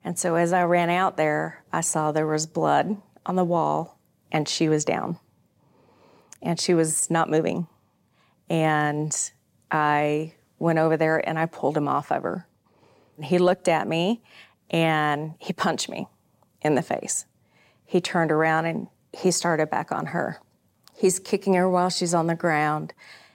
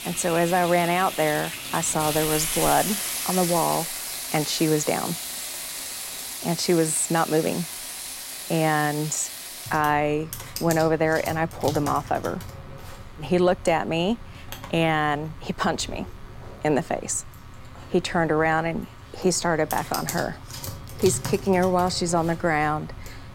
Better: first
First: none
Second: household noises; loud; throughout; 7 dB below the speech

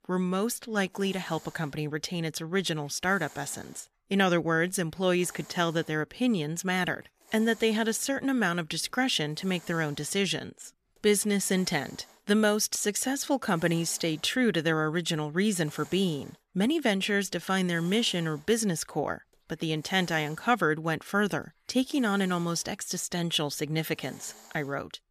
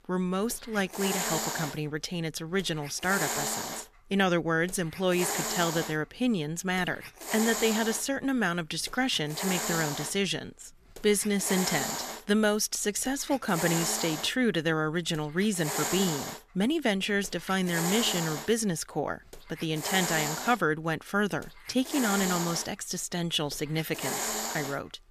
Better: first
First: hiss; faint; throughout; 25 dB below the speech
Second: hiss; loud; throughout; 3 dB below the speech

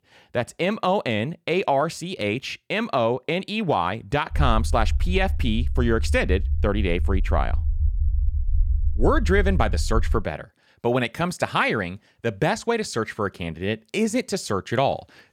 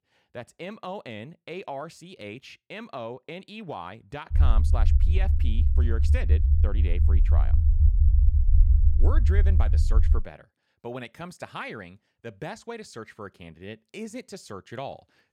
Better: first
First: low rumble; faint; from 4.5 to 10 s; 20 dB below the speech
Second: low rumble; loud; from 4.5 to 10 s; 4 dB below the speech

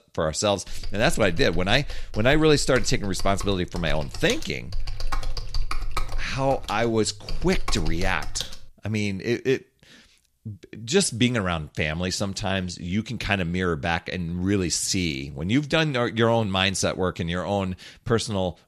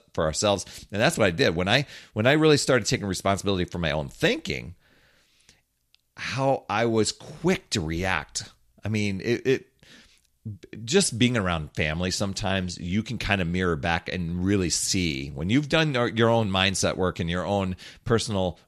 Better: second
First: keyboard typing; noticeable; from 0.5 to 8.5 s; peak 7 dB below the speech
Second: none

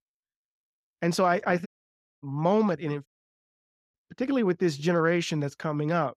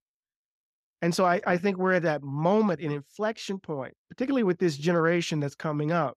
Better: second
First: audio cutting out; at 1.5 s for 0.5 s and at 3 s for 1 s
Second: none

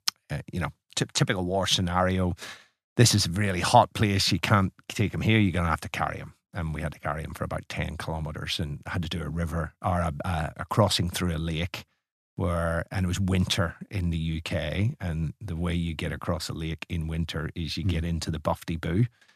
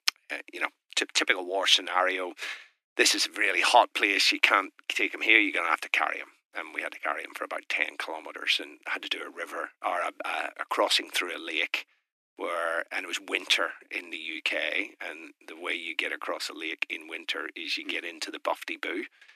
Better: first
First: none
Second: thin; very; fading below 300 Hz

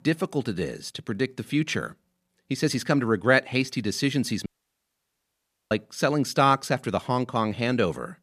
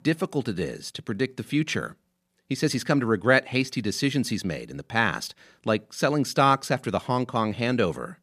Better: second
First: audio cutting out; at 4.5 s for 1.5 s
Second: none

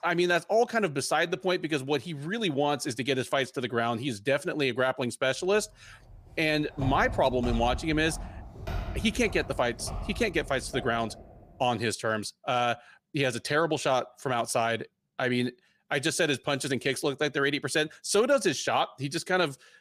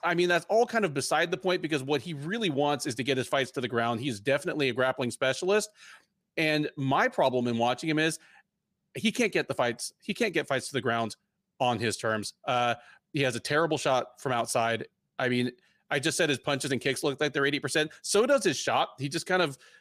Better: second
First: footsteps; noticeable; from 6 to 11 s; peak 7 dB below the speech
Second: none

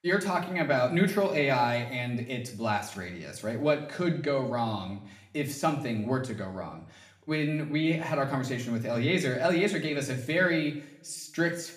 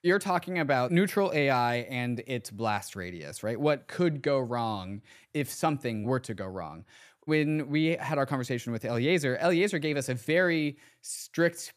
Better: second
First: room echo; slight; dies away in 0.6 s // off-mic speech; somewhat distant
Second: none

